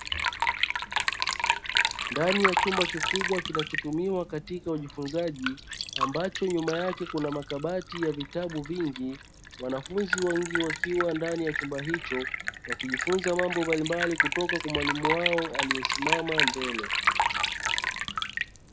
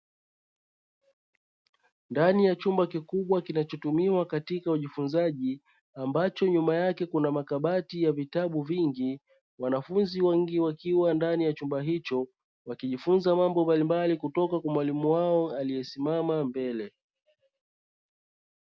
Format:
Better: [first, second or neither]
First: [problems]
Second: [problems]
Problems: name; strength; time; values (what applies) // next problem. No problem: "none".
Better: second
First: background sound (Liquid); as loud as the speech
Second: none